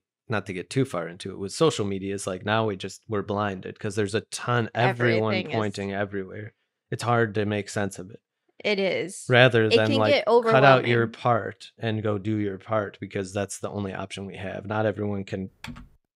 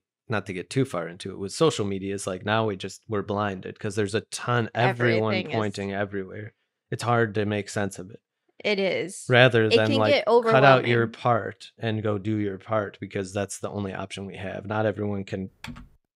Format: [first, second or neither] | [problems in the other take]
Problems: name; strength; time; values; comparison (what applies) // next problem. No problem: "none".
neither | keyboard typing; faint; at 16 s; peak 15 dB below the speech; the same in both